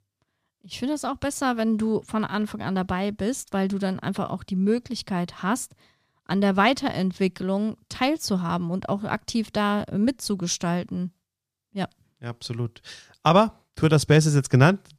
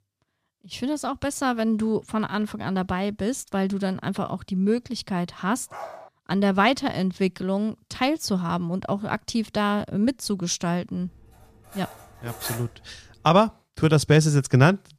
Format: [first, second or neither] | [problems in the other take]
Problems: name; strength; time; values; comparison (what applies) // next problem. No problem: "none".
first | dog barking; faint; at 5.5 s; peak 15 dB below the speech // clattering dishes; noticeable; from 11 to 13 s; peak 8 dB below the speech